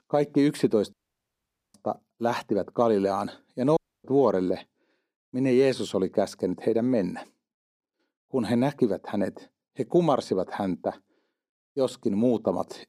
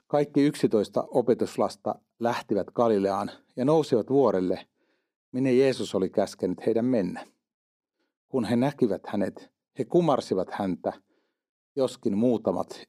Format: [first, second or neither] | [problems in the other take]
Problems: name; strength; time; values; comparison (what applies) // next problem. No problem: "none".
second | audio cutting out; at 1 s for 1 s and at 4 s